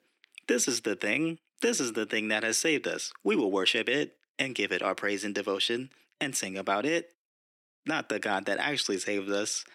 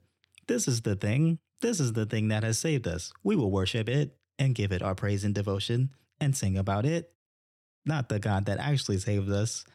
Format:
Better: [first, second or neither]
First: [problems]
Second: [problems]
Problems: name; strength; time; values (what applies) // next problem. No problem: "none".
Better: second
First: thin; somewhat; fading below 300 Hz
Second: none